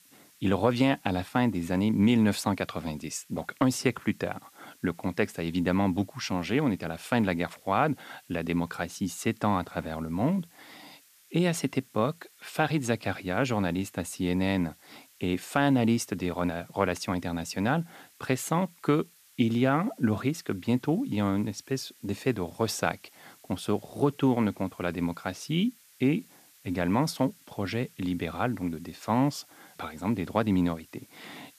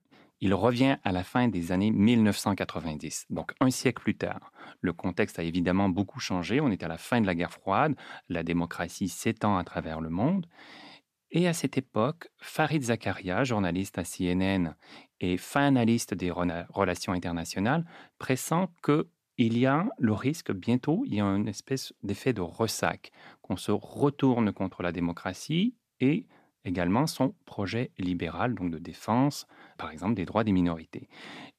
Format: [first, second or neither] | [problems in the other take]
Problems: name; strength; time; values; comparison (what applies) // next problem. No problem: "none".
second | hiss; faint; throughout; 25 dB below the speech